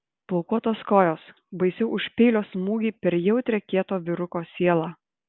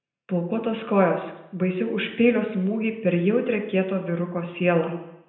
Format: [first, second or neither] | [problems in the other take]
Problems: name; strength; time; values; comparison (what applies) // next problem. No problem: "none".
first | room echo; dies away in 0.8 s